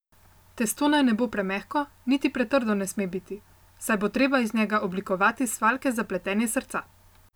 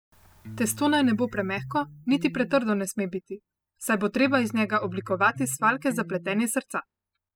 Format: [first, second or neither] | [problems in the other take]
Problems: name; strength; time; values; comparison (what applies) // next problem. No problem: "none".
first | noise reduction (classical method spectral subtraction)